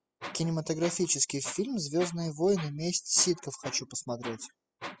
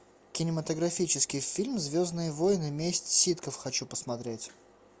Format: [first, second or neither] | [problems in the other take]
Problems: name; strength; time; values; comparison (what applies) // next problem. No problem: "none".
second | noise reduction (classical method spectral subtraction)